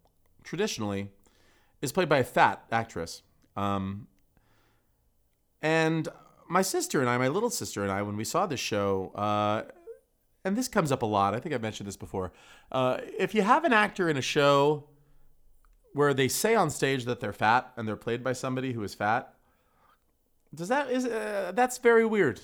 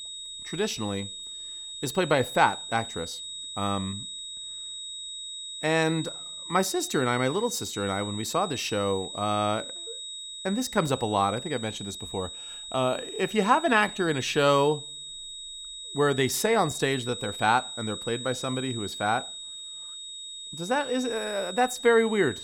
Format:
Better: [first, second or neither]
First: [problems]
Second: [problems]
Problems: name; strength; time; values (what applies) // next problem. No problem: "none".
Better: first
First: none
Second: high-pitched whine; loud; throughout; 4 kHz, 9 dB below the speech